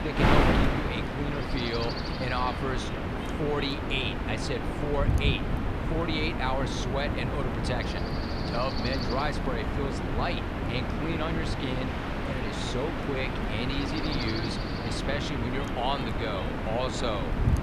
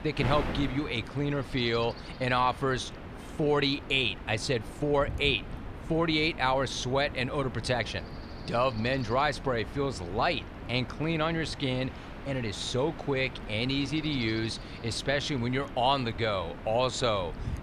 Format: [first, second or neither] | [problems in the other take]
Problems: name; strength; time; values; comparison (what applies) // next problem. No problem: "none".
second | wind noise on the microphone; heavy; as loud as the speech; occasional gusts in the second